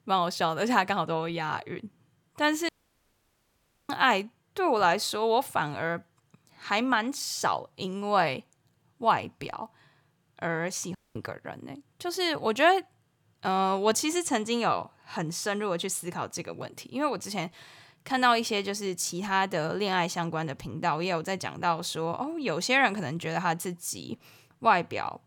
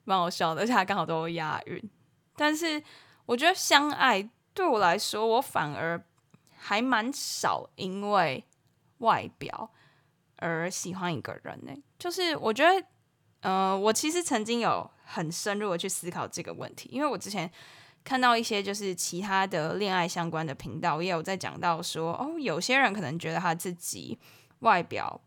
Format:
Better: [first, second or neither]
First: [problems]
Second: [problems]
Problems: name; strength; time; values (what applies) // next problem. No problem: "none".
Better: second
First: audio cutting out; at 2.5 s for 1 s and at 11 s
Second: none